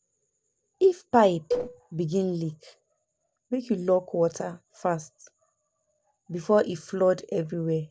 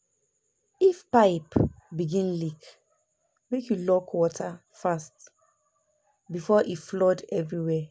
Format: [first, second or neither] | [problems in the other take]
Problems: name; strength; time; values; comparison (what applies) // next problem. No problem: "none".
second | noise reduction (neural separator model SepFormer DNS4)